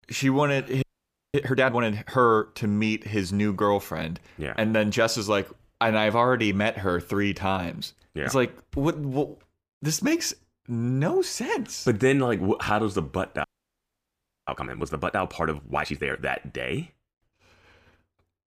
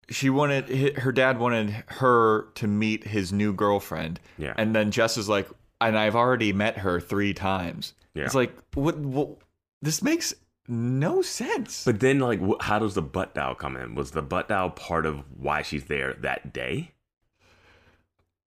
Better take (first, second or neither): second